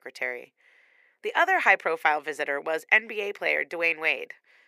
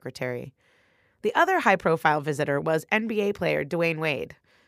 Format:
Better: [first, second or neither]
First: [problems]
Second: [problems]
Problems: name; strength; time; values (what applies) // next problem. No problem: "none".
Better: second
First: thin; very; fading below 350 Hz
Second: none